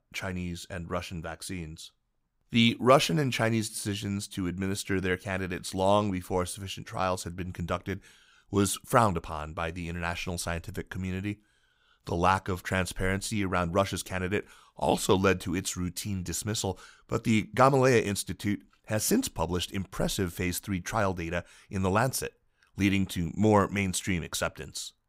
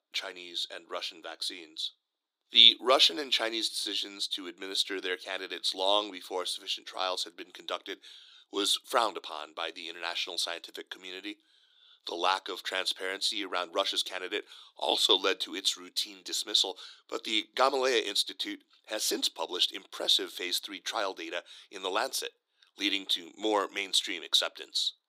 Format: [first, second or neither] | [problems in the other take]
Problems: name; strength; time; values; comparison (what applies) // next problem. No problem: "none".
first | thin; very; fading below 300 Hz